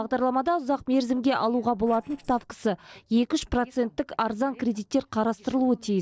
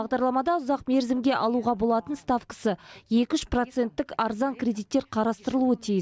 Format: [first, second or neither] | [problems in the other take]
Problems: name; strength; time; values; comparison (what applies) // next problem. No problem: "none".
second | noise reduction (neural separator model SepFormer DNS4)